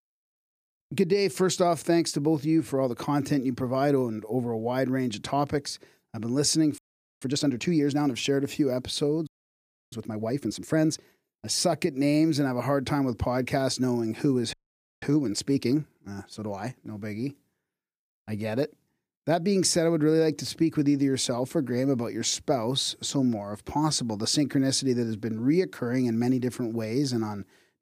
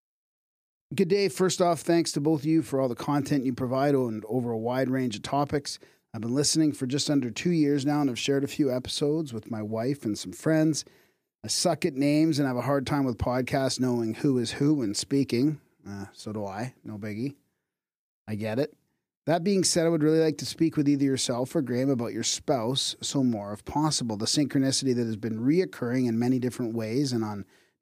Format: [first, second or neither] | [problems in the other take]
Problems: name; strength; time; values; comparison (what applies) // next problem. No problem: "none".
second | audio freezing; at 7 s, at 9.5 s for 0.5 s and at 15 s